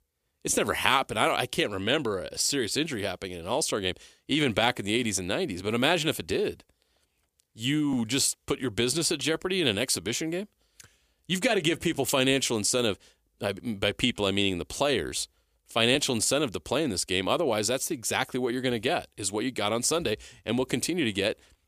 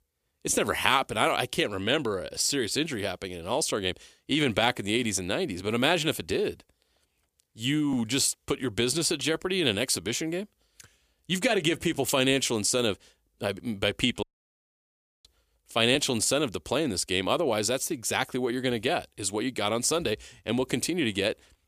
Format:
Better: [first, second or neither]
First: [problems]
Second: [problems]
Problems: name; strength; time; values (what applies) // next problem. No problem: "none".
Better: first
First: none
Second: audio cutting out; at 14 s for 1 s